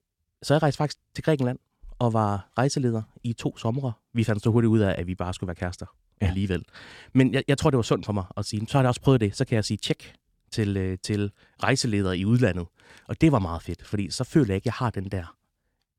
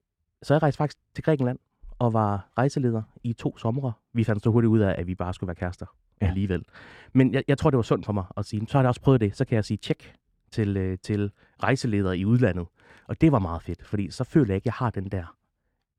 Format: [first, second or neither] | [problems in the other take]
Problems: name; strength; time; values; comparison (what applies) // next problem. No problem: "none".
first | muffled; slightly; fading above 3 kHz